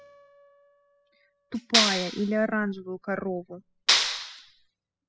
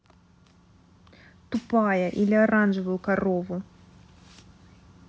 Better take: second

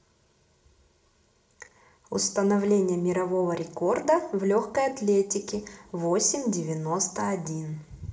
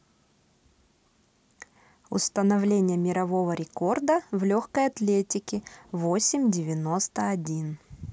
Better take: second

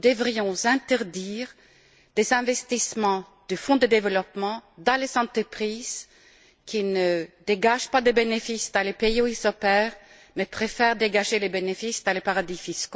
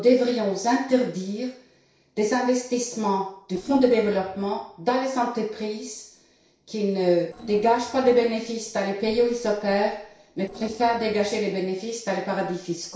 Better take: first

